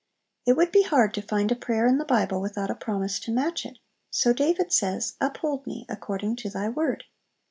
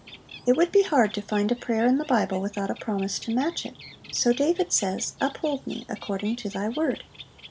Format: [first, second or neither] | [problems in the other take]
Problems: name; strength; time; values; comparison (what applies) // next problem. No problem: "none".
first | background sound (Bird); 20 dB below the speech